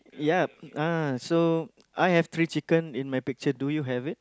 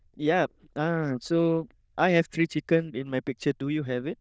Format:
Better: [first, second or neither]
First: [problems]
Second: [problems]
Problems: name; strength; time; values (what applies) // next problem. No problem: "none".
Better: first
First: none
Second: noise reduction (neural diffusion model UNIVERSE++)